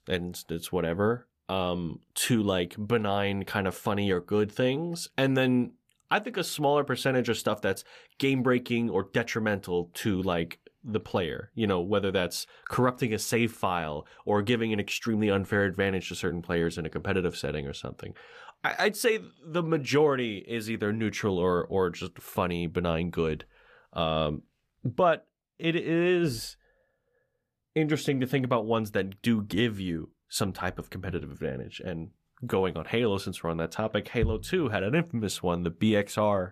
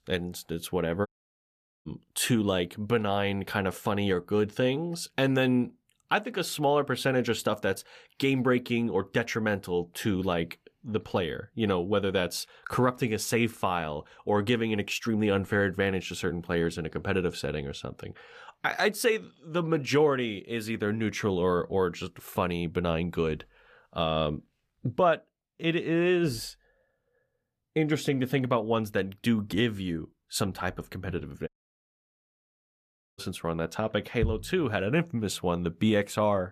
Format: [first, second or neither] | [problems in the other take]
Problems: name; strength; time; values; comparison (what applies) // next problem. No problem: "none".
first | audio cutting out; at 1 s for 1 s and at 31 s for 1.5 s